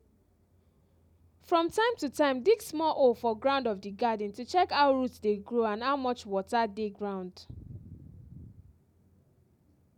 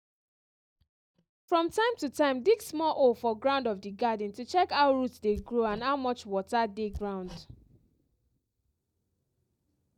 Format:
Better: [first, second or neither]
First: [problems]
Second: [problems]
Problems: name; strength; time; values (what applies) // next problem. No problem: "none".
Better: first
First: none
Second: noise reduction (neural mask model DeepFilterNet 3)